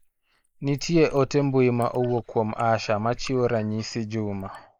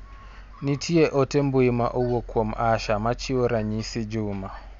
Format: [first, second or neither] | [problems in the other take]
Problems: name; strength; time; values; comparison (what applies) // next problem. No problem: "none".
second | noise reduction (neural mask model Resemble Enhance denoiser)